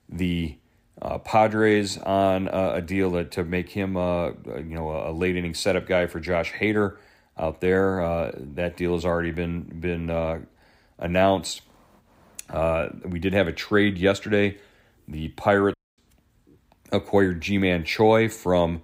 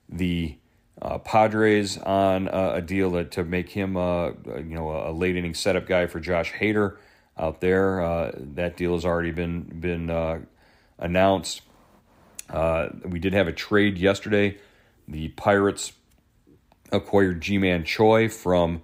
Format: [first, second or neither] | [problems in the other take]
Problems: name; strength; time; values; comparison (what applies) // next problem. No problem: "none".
second | audio cutting out; at 16 s